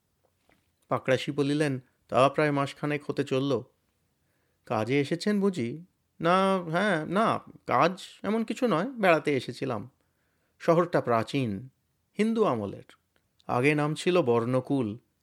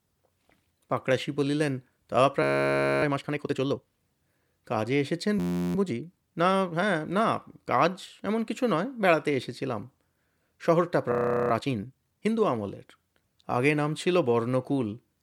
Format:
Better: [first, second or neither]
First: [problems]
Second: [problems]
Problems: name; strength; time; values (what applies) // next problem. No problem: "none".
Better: first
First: none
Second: audio freezing; at 2.5 s for 0.5 s, at 5.5 s and at 11 s